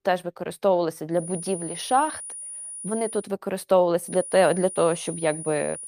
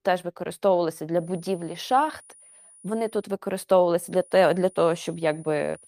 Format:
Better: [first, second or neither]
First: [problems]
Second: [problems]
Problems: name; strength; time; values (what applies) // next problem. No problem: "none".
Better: second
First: high-pitched whine; loud; from 1 to 3 s and from 4 s on; 9.5 kHz, 10 dB below the speech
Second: high-pitched whine; faint; from 1 to 3 s and from 4 s on; 9.5 kHz, 25 dB below the speech